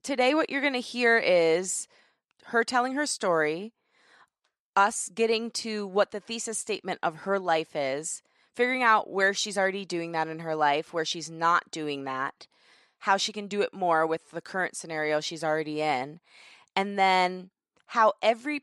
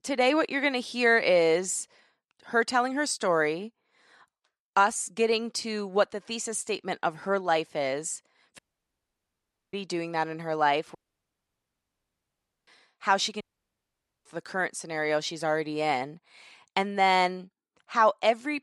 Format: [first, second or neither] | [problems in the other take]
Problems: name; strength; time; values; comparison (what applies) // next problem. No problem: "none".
first | audio cutting out; at 8.5 s for 1 s, at 11 s for 1.5 s and at 13 s for 1 s